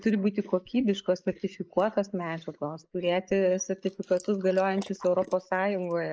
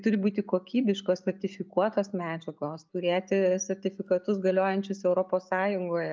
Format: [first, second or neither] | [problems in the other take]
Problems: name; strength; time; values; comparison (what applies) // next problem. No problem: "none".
second | noise reduction (neural mask model Resemble Enhance denoiser)